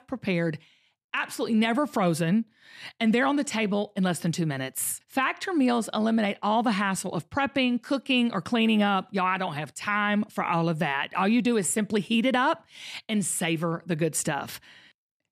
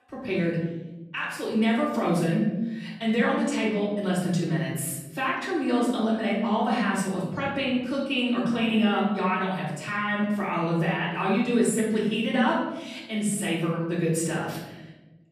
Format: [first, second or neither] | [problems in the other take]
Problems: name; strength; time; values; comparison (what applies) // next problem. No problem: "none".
first | off-mic speech; far // room echo; noticeable; dies away in 1.1 s